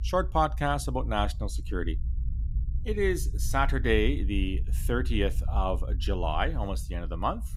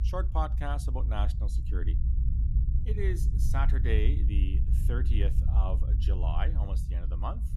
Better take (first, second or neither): first